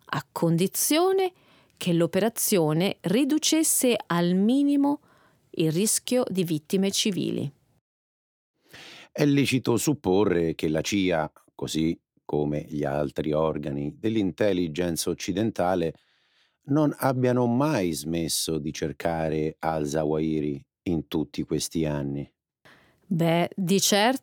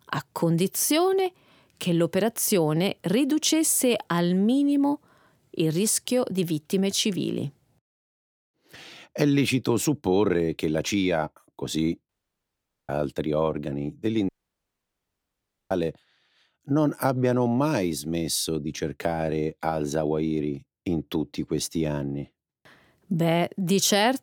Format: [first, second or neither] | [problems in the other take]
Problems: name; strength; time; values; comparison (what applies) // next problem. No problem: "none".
first | audio cutting out; at 12 s for 1 s and at 14 s for 1.5 s